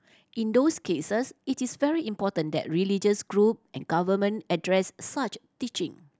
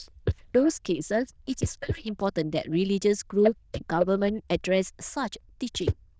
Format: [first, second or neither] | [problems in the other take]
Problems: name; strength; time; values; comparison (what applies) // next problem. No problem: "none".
first | noise reduction (neural diffusion model UNIVERSE++)